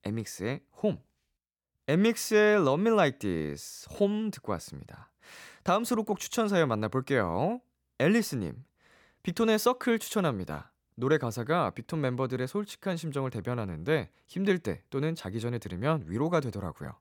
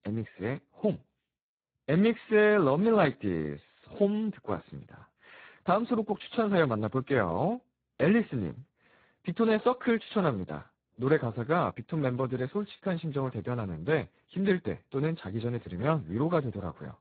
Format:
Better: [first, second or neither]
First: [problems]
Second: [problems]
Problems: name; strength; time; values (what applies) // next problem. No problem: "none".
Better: first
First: none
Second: garbled, watery; badly; nothing above 4 kHz